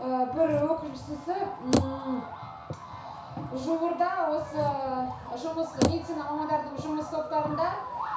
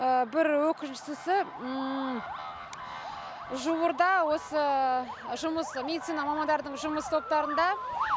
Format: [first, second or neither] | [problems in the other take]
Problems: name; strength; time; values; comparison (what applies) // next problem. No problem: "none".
second | background sound (Bicycle); 6 dB below the speech // room echo; dies away in 0.6 s